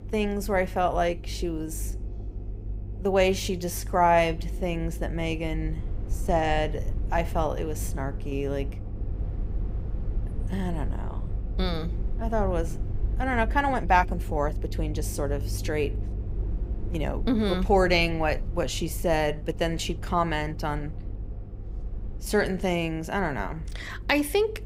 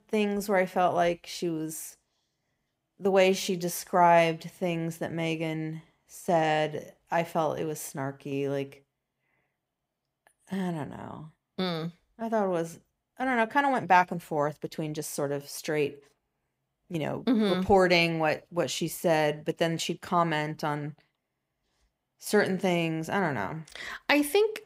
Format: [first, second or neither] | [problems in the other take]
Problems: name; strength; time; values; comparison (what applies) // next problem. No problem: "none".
second | low rumble; faint; throughout; 20 dB below the speech